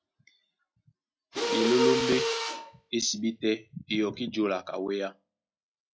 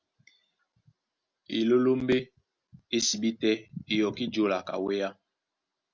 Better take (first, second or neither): second